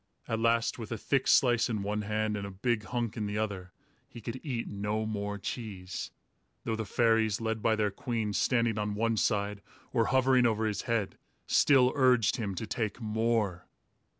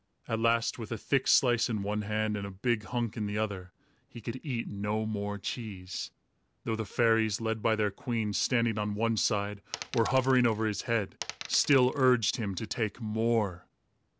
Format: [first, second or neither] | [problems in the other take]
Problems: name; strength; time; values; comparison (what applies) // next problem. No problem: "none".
first | background sound (Coin (dropping)); 14 dB below the speech